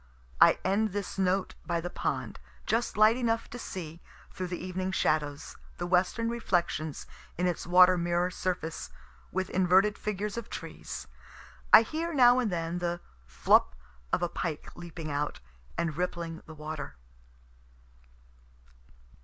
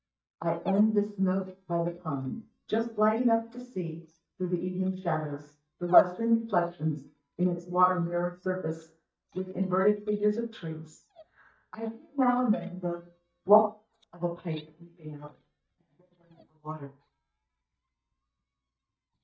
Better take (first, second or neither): first